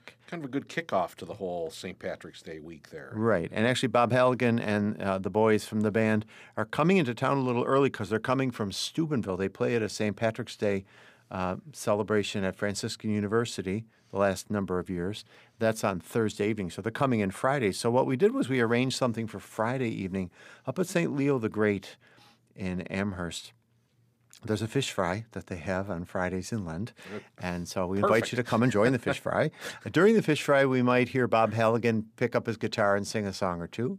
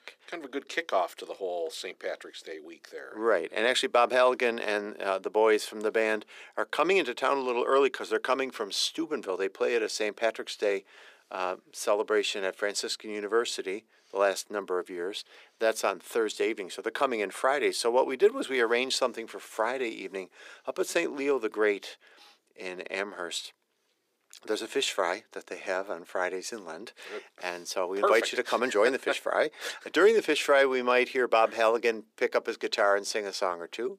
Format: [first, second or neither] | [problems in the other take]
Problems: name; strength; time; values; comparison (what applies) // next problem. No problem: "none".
first | thin; somewhat; fading below 350 Hz